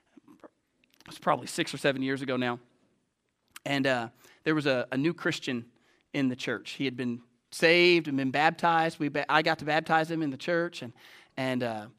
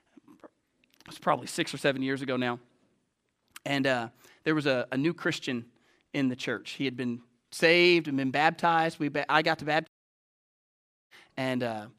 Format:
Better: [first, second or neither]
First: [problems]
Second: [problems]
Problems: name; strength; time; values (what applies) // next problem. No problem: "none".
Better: first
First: none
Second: audio cutting out; at 10 s for 1 s